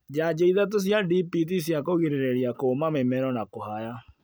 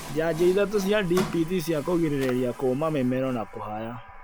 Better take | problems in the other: first | background sound (Water tap, faucet + Drawer open or close); 12 dB below the speech

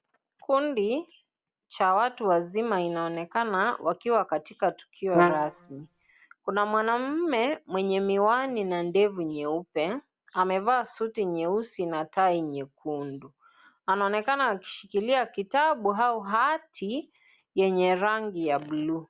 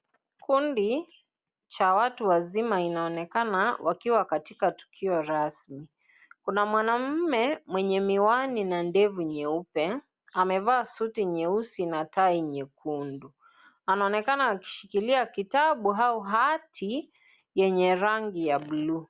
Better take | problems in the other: second | background sound (Brass instrument); as loud as the speech

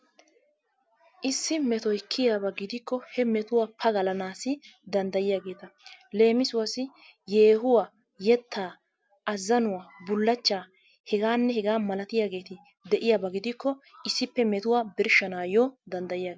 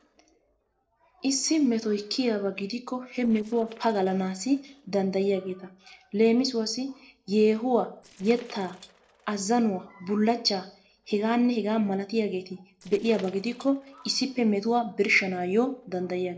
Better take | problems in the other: first | noise reduction (neural separator model SepFormer DNS4)

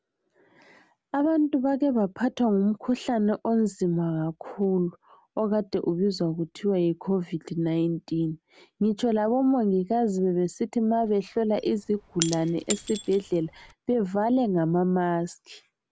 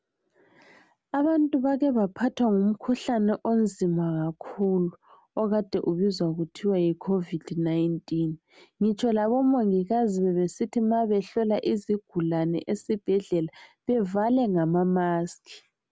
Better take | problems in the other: second | background sound (Shatter / Crushing); 12 dB below the speech

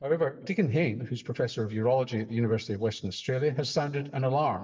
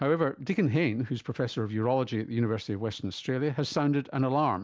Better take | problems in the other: second | noise reduction (neural mask model DeepFilterNet 3)

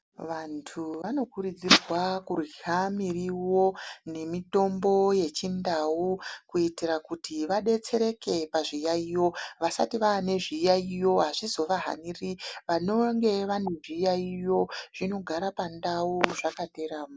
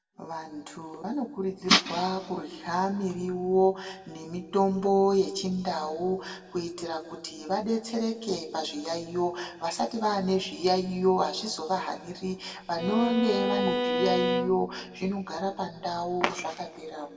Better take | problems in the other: first | background sound (Bowed string instrument); 1 dB below the speech // room echo; dies away in 1.5 s

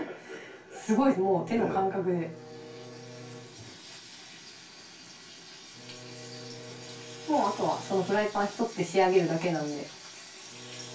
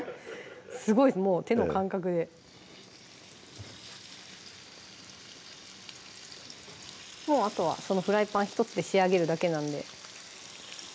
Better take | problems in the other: second | background sound (Bowed string instrument); 18 dB below the speech // room echo; dies away in 0.2 s

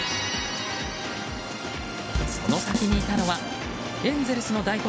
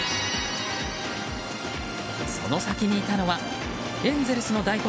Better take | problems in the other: second | background sound (Bass drum / Snare drum / Drum kit); 2 dB below the speech

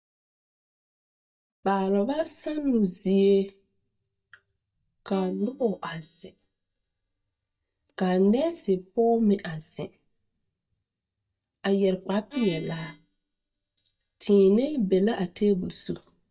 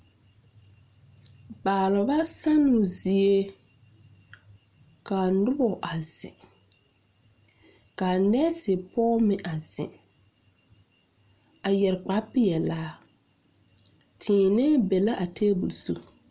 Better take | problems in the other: second | noise reduction (neural mask model DeepFilterNet 3)

